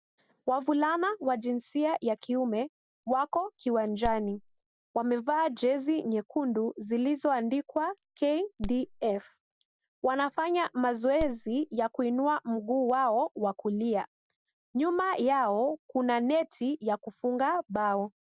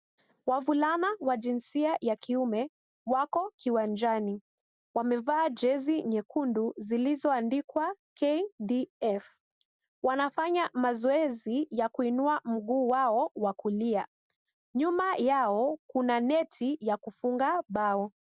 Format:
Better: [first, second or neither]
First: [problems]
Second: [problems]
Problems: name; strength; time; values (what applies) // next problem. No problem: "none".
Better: second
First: background sound (Crack); 14 dB below the speech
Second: none